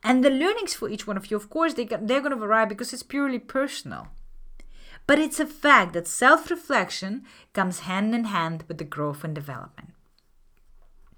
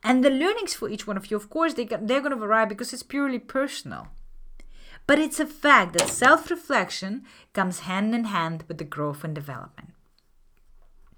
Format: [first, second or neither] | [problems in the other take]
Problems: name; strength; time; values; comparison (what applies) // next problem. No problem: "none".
first | door banging; noticeable; at 6 s; peak 1 dB below the speech